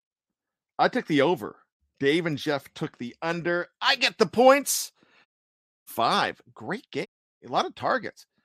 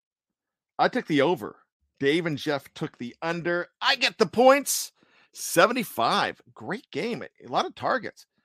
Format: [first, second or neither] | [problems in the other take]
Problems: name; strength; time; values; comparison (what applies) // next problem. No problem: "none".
second | audio cutting out; at 5.5 s for 0.5 s and at 7 s